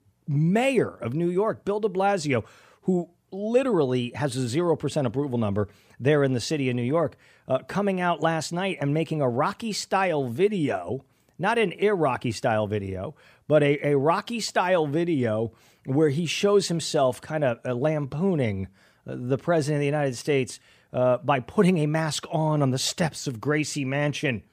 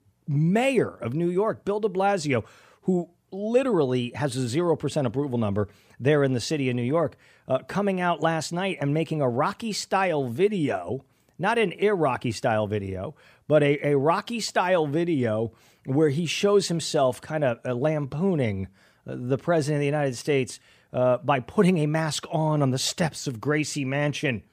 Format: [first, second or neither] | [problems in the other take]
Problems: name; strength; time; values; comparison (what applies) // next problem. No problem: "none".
neither | none